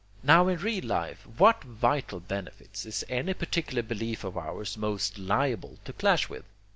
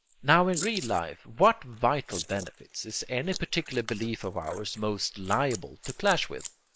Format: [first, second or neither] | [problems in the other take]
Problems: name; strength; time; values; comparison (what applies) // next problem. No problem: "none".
first | noise reduction (neural mask model Resemble Enhance denoiser)